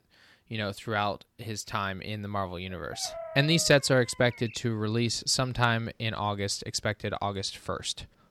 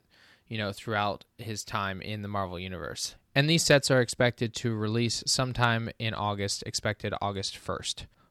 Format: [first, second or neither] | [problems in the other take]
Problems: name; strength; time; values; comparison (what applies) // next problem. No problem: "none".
second | animal sounds; noticeable; from 2 s on; 15 dB below the speech